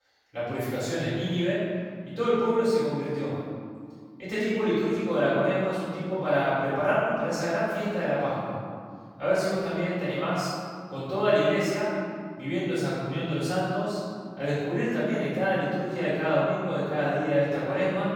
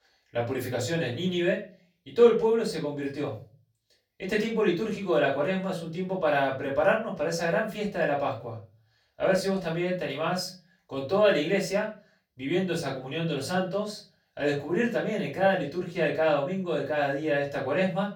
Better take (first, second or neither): second